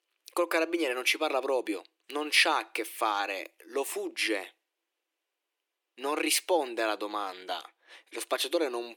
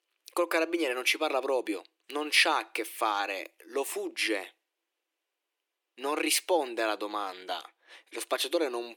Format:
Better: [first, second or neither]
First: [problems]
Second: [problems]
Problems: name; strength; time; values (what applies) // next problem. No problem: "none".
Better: neither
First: thin; very; fading below 300 Hz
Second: thin; very; fading below 300 Hz